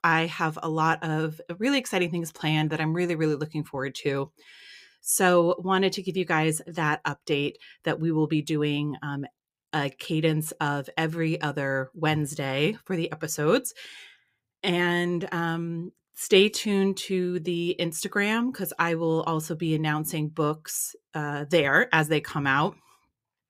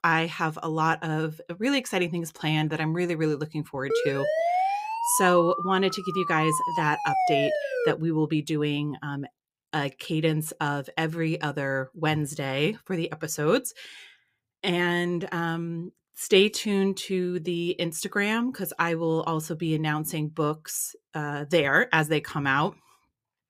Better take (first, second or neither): first